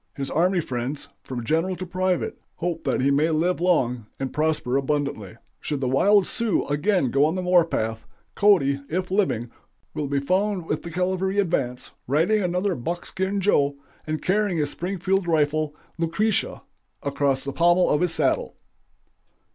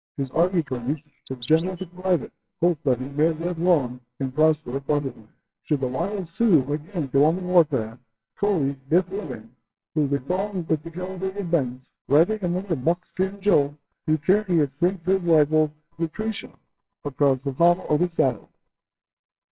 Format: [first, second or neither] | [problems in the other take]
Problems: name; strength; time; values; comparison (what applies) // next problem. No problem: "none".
first | noise reduction (neural separator model SepFormer WHAMR!)